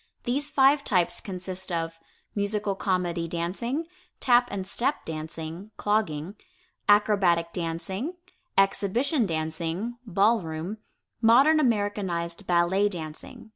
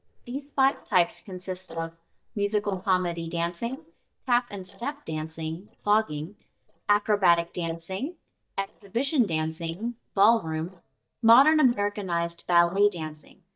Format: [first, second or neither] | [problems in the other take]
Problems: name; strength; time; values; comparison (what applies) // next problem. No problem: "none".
first | noise reduction (neural mask model DeepFilterNet 3)